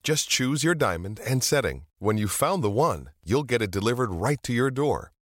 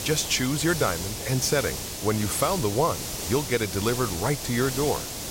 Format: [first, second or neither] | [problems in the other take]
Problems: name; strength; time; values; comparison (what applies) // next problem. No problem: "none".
first | hiss; loud; throughout; 5 dB below the speech